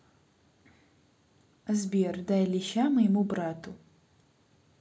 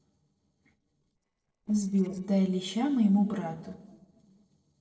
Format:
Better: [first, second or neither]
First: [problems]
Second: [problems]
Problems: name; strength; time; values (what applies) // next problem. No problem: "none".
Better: first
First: none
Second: noise reduction (neural separator model SepFormer DNS4)